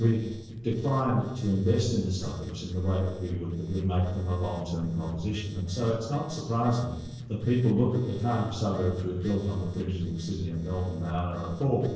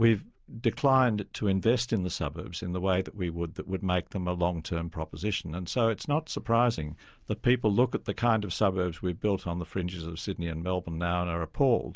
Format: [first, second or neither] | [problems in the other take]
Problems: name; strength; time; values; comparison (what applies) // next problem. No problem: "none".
second | noise reduction (neural separator model SepFormer DNS4)